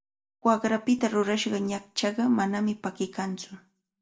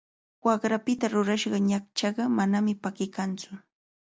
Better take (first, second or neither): second